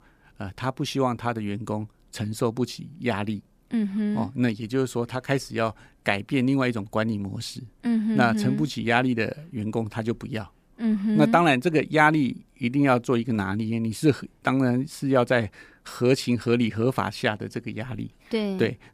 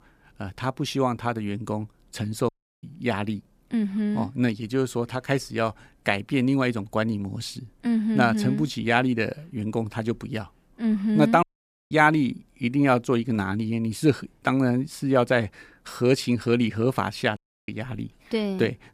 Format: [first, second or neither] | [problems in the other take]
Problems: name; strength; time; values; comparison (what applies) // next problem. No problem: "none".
first | audio cutting out; at 2.5 s, at 11 s and at 17 s